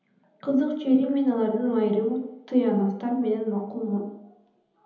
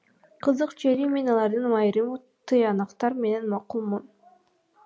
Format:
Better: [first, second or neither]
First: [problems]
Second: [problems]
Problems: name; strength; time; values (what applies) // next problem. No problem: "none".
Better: second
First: room echo; dies away in 0.9 s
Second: none